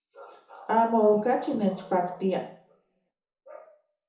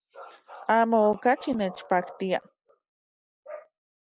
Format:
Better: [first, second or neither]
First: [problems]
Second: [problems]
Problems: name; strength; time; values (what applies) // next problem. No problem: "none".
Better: second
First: room echo; dies away in 0.7 s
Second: none